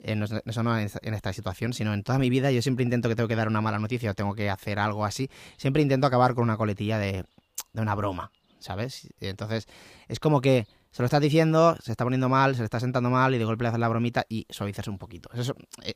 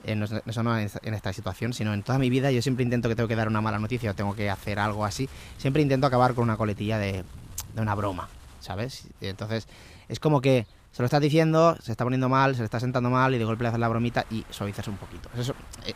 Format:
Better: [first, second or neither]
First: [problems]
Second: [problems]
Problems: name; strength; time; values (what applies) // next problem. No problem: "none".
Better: first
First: none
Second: wind noise on the microphone; occasional gusts; 25 dB below the speech